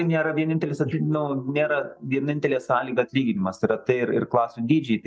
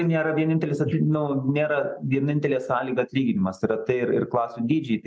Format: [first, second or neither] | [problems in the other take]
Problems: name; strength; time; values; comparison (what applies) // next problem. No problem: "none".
second | noise reduction (neural mask model DeepFilterNet 3)